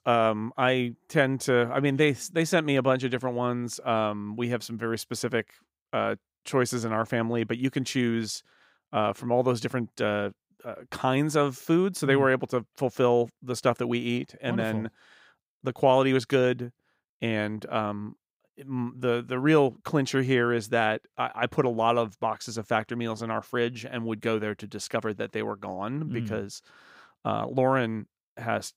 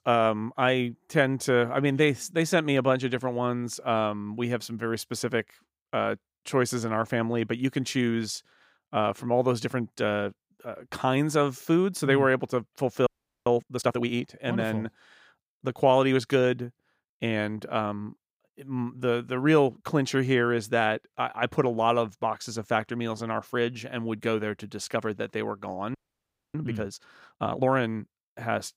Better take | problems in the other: first | audio freezing; at 13 s and at 26 s for 0.5 s

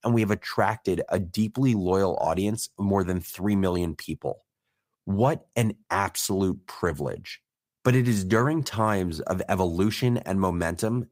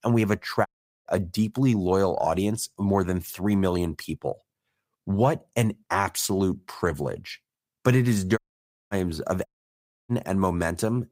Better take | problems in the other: first | audio cutting out; at 0.5 s, at 8.5 s for 0.5 s and at 9.5 s for 0.5 s

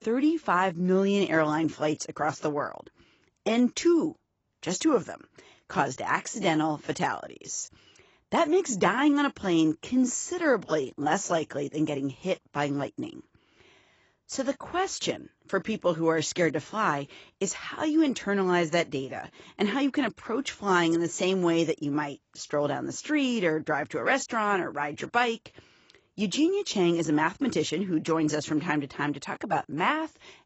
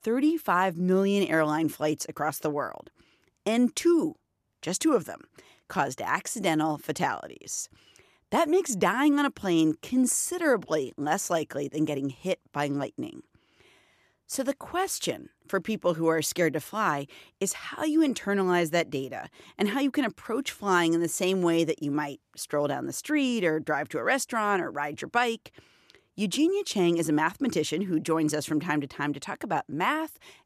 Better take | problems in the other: second | garbled, watery; badly; nothing above 7.5 kHz

